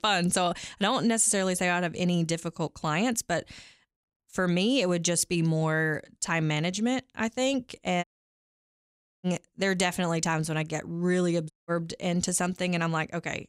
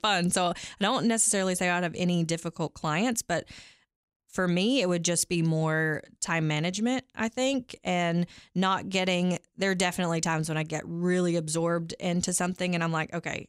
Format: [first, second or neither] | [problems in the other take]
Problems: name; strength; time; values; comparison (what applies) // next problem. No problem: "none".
second | audio cutting out; at 8 s for 1 s and at 12 s